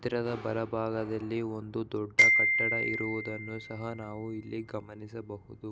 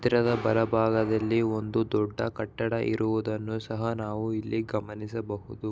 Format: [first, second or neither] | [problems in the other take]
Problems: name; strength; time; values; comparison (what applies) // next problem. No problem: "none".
second | background sound (Glockenspiel); 5 dB above the speech